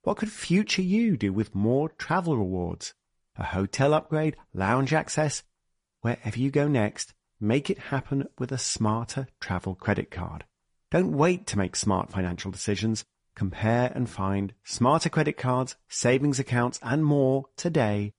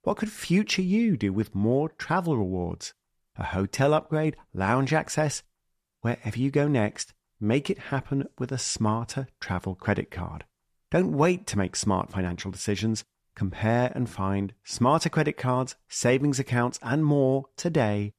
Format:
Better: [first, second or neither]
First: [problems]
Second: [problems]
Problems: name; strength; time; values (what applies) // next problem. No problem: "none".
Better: second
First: garbled, watery; slightly; nothing above 10.5 kHz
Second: none